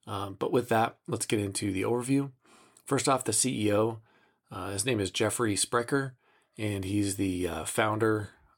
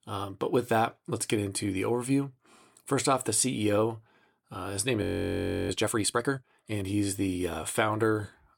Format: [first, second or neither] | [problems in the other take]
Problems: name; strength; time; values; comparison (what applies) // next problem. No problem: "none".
first | audio freezing; at 5 s for 0.5 s